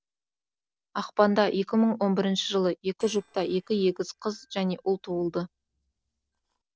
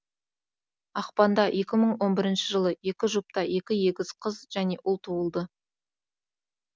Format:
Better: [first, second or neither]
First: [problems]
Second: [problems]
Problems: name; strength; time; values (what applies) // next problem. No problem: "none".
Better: second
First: noise reduction (neural separator model SepFormer DNS4)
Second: none